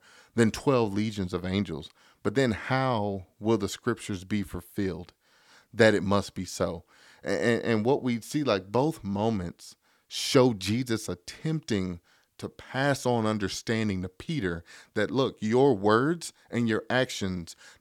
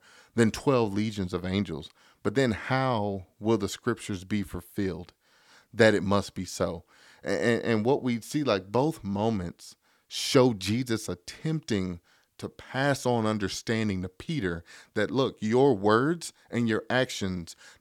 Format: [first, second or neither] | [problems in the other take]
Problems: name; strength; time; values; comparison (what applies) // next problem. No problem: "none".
neither | none